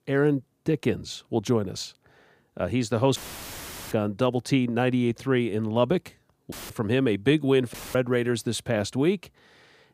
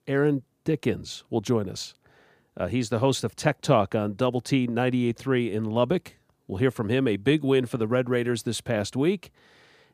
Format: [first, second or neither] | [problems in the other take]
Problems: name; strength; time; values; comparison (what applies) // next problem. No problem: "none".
second | audio cutting out; filled with static; at 3 s for 1 s, at 6.5 s and at 7.5 s